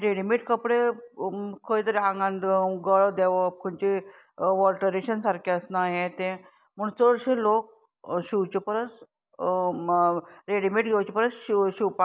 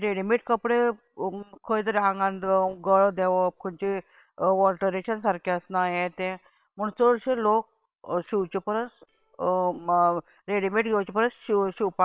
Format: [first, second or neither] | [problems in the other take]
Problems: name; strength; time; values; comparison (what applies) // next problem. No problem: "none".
first | noise reduction (neural separator model SepFormer WHAM!)